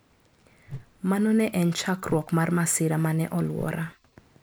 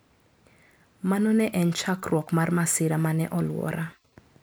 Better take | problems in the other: second | background sound (Whoosh, swoosh, swish); 19 dB below the speech

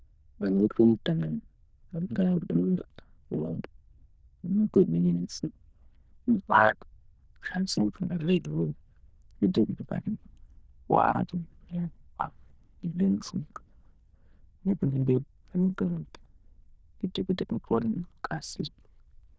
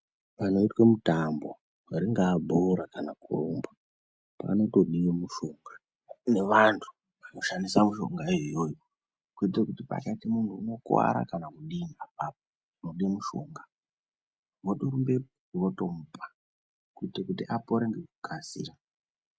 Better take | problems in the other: second | noise reduction (neural diffusion model UNIVERSE++)

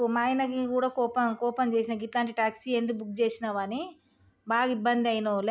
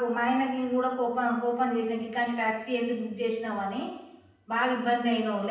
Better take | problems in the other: first | room echo; dies away in 0.9 s

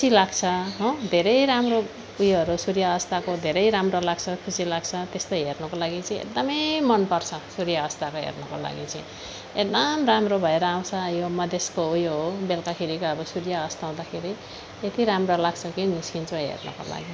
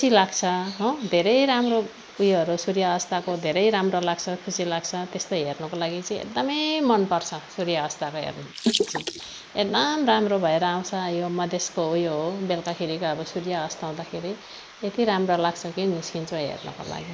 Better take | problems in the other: first | noise reduction (neural mask model Resemble Enhance denoiser)

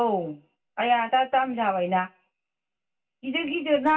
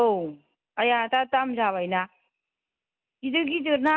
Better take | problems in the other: second | room echo; dies away in 0.2 s

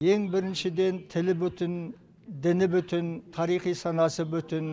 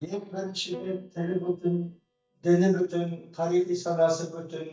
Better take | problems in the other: first | noise reduction (neural mask model DeepFilterNet 3)

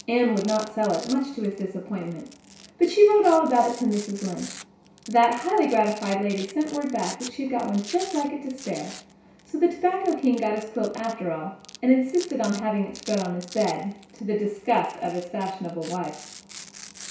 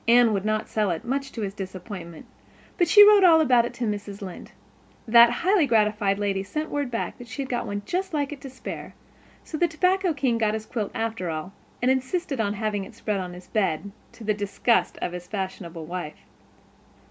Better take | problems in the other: second | background sound (Domestic sounds, home sounds); 19 dB below the speech // room echo; dies away in 0.6 s

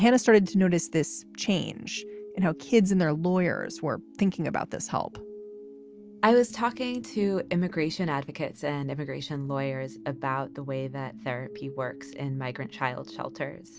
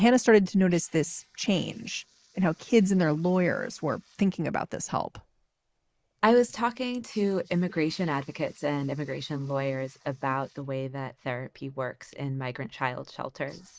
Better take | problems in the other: first | noise reduction (neural mask model Resemble Enhance denoiser)

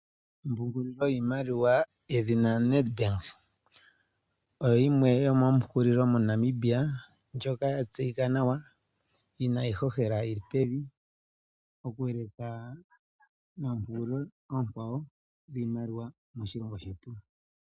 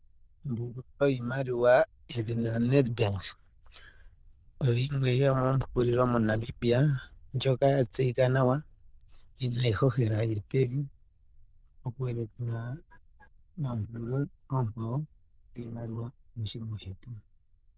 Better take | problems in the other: first | noise reduction (neural diffusion model UNIVERSE++)

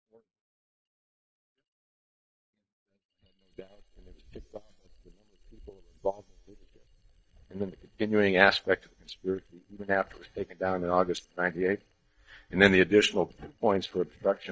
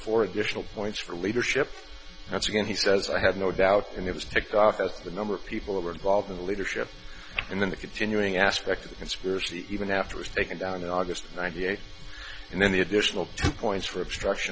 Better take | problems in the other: second | noise reduction (neural mask model DeepFilterNet 3)

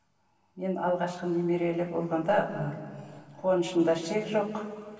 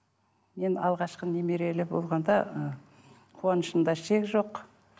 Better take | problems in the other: second | room echo; dies away in 2.7 s

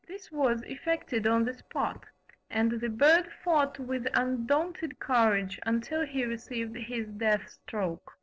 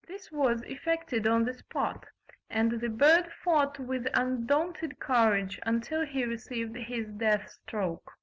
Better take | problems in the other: second | noise reduction (neural separator model SepFormer DNS4)

